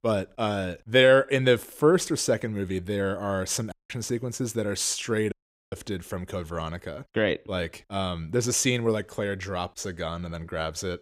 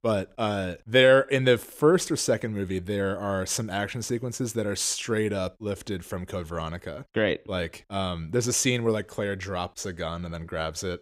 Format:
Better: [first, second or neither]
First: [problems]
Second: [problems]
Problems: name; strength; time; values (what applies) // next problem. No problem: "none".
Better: second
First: audio cutting out; at 3.5 s and at 5.5 s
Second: none